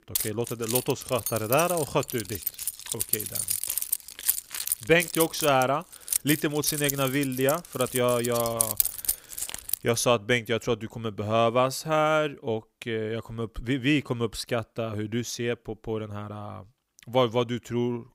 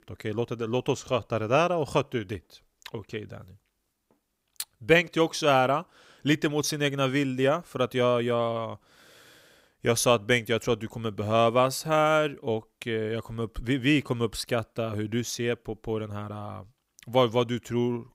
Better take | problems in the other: second | jangling keys; loud; until 9.5 s; peak 4 dB above the speech

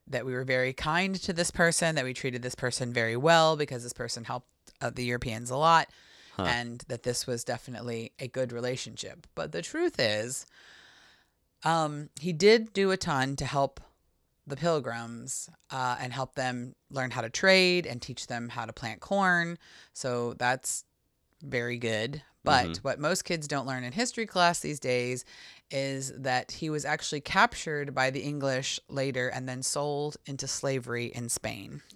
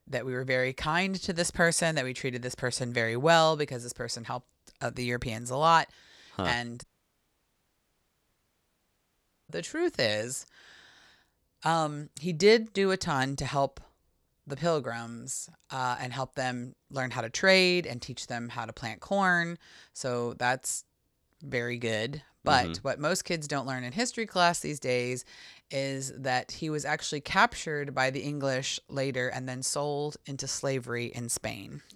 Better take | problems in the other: first | audio cutting out; at 7 s for 2.5 s

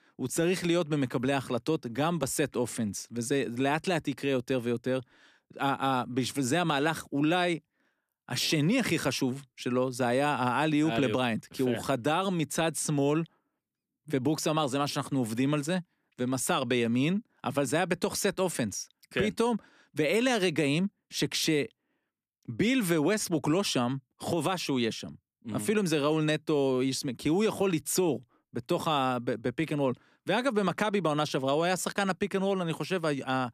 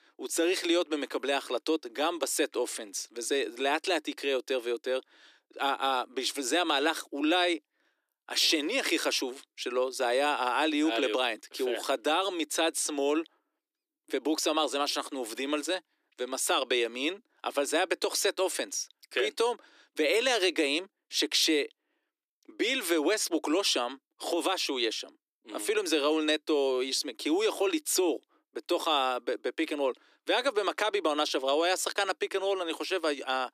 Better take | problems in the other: first | thin; somewhat; fading below 300 Hz

